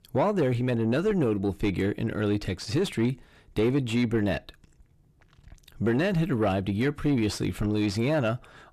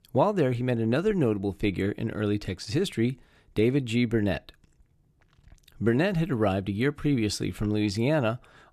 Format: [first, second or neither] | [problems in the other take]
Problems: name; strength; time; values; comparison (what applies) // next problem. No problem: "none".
second | distortion; slight; 10 dB below the speech